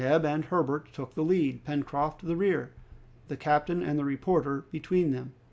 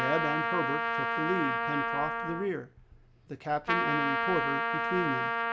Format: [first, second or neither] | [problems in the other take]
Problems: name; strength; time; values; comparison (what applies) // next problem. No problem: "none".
first | background sound (Trumpet); 4 dB above the speech